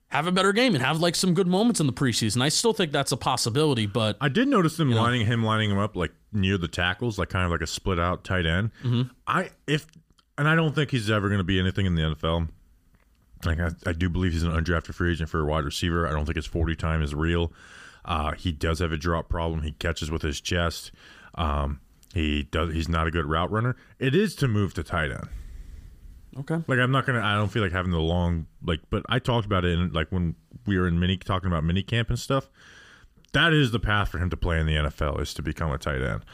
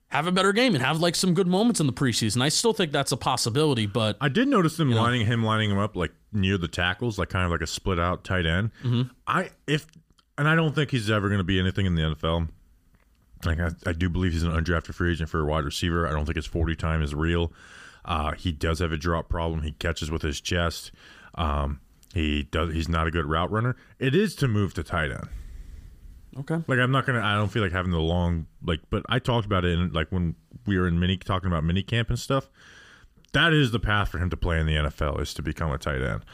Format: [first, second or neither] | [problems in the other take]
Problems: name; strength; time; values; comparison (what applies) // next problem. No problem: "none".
neither | none